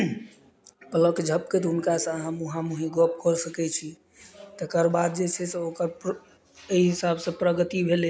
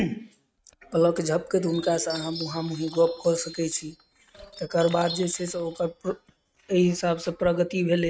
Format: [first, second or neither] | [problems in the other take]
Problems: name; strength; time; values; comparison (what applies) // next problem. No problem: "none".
first | noise reduction (neural mask model RNNoise)